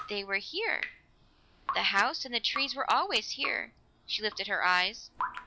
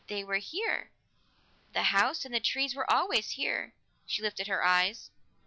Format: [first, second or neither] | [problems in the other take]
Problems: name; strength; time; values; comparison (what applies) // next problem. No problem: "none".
second | background sound (Drip); 11 dB below the speech